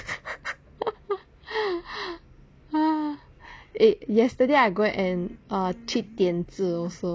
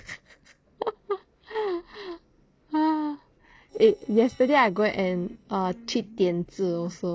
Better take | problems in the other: first | noise reduction (neural separator model SepFormer DNS4)

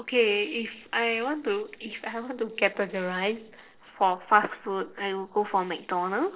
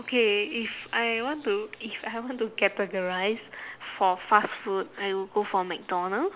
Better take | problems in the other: second | noise reduction (neural separator model SepFormer DNS4)

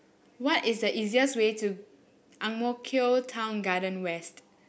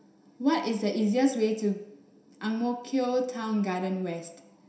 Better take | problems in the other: first | room echo; dies away in 0.7 s

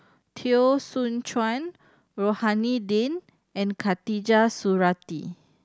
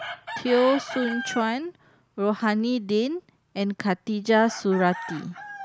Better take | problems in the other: first | background sound (Chicken, rooster); 13 dB below the speech

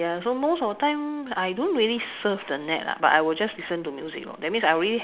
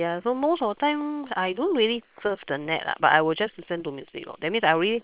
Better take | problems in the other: first | noise reduction (neural separator model SepFormer WHAM!)

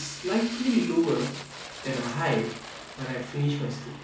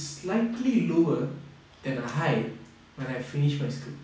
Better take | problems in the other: second | background sound (Fire); 13 dB below the speech // room echo; dies away in 0.2 s

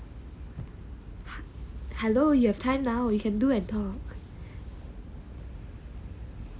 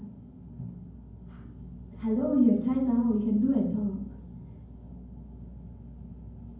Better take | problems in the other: first | room echo; dies away in 0.9 s

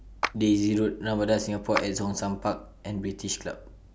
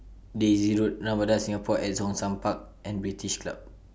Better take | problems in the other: second | background sound (Clapping); 10 dB below the speech

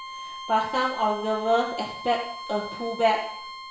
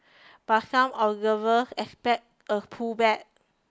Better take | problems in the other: second | background sound (Bowed string instrument); 11 dB below the speech // room echo; dies away in 0.7 s

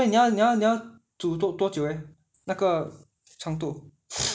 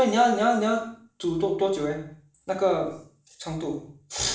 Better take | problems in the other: first | room echo; dies away in 0.5 s

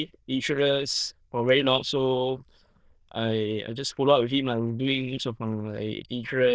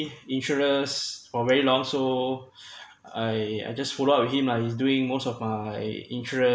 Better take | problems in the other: second | noise reduction (neural diffusion model UNIVERSE++)

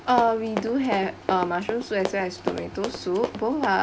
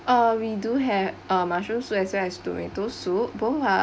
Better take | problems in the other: second | background sound (Run); 8 dB below the speech

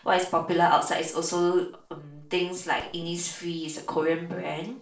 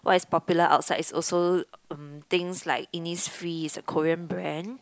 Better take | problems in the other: second | noise reduction (neural separator model SepFormer DNS4)

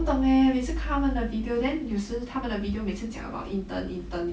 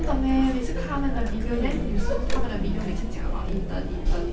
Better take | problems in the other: first | background sound (Chatter); 4 dB above the speech

